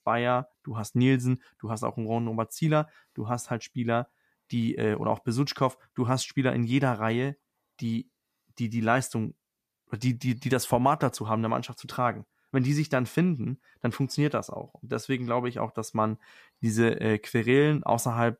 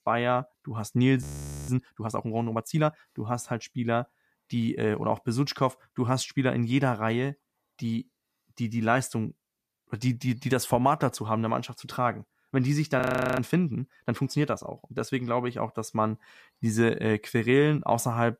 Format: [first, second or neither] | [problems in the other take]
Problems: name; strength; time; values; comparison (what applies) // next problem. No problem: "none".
first | audio freezing; at 1 s and at 13 s